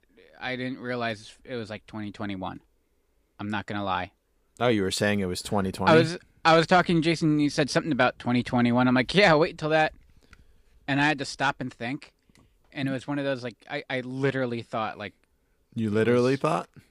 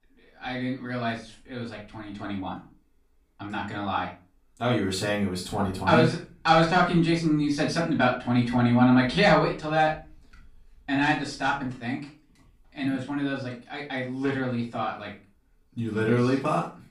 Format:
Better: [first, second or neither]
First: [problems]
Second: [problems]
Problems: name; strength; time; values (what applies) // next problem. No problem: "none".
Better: first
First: none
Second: off-mic speech; far // room echo; slight; dies away in 0.3 s